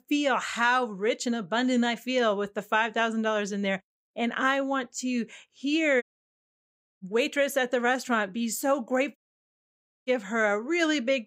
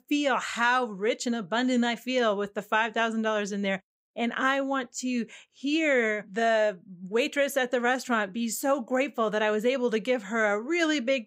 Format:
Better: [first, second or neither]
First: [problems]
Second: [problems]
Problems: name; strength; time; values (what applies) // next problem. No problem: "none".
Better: second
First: audio cutting out; at 6 s for 1 s and at 9 s for 1 s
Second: none